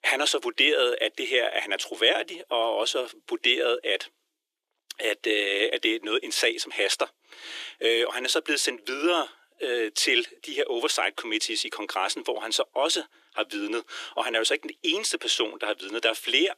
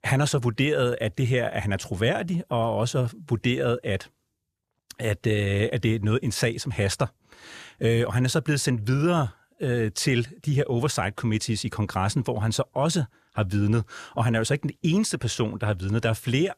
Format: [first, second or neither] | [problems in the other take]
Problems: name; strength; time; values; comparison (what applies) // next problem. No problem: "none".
second | thin; very; fading below 300 Hz